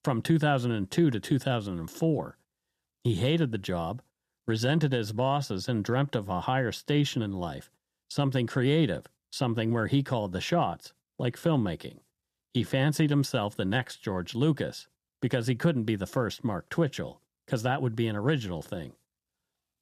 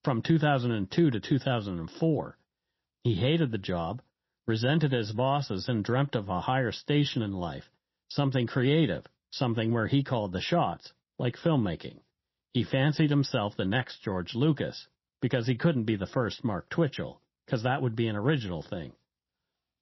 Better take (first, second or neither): first